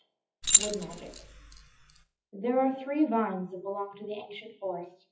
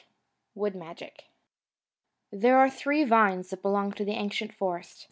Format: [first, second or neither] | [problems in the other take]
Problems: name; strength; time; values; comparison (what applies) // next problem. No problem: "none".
second | noise reduction (classical method WPE with log-MMSE)